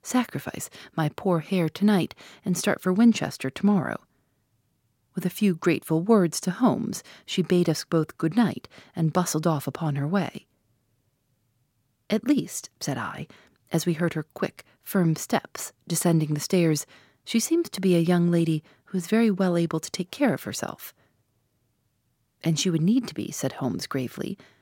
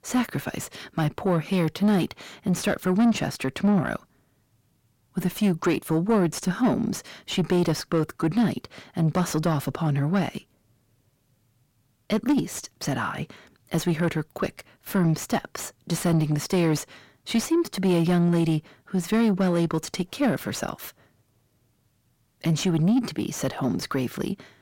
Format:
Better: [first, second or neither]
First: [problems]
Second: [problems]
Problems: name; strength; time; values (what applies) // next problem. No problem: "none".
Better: first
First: none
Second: distortion; slight; 10 dB below the speech